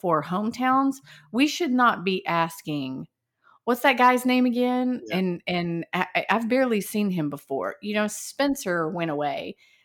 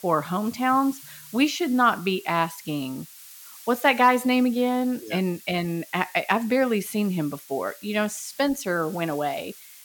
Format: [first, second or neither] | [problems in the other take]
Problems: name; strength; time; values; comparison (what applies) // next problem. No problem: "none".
first | hiss; noticeable; throughout; 20 dB below the speech